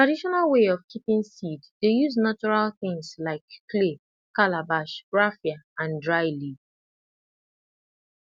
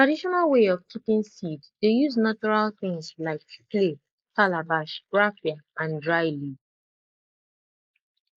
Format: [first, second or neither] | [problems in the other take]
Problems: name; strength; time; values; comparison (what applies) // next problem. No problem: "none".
first | noise reduction (neural mask model Resemble Enhance denoiser)